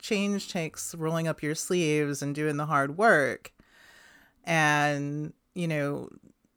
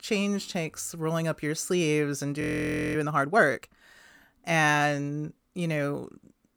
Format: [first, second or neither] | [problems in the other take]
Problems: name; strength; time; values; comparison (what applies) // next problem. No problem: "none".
first | audio freezing; at 2.5 s for 0.5 s